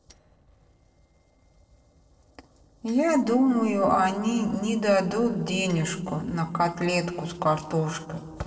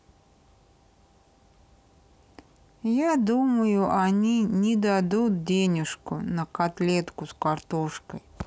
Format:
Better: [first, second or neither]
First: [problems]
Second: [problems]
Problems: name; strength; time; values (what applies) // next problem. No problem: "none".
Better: second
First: noise reduction (neural separator model SepFormer DNS4)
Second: none